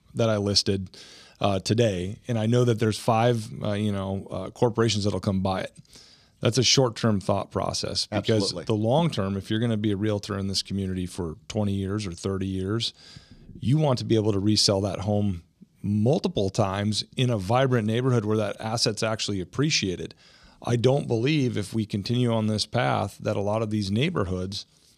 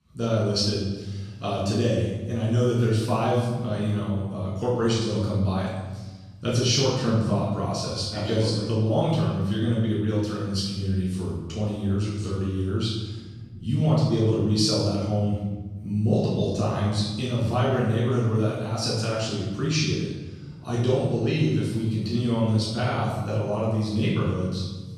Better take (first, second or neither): first